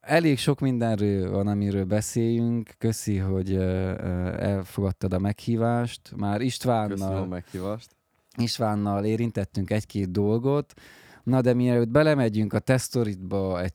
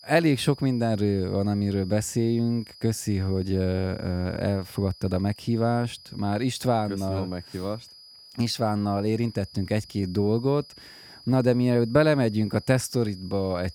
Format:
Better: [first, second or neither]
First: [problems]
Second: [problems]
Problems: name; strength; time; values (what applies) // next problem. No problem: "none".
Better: first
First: none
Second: high-pitched whine; faint; throughout; 5 kHz, 20 dB below the speech